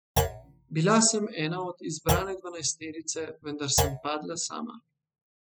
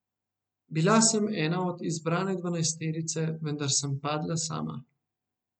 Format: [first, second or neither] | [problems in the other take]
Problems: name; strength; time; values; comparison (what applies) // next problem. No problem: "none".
second | noise reduction (classical method spectral subtraction)